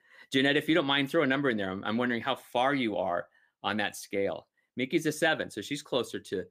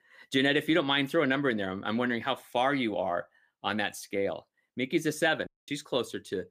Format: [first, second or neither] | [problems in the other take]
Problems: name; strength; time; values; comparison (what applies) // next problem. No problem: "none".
first | audio cutting out; at 5.5 s